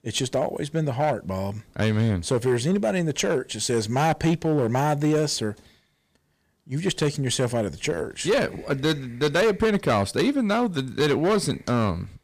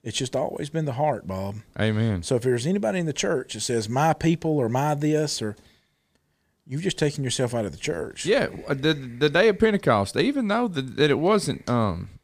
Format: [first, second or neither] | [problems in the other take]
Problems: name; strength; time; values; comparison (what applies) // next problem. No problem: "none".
second | distortion; slight; 7% of the sound clipped